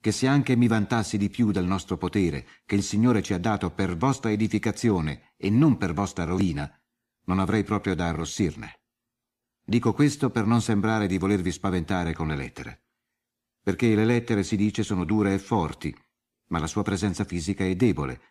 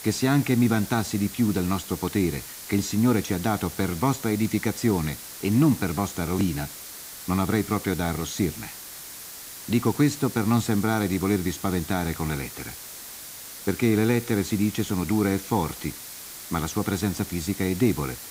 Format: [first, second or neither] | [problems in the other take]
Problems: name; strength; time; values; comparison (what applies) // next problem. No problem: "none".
first | hiss; noticeable; throughout; 10 dB below the speech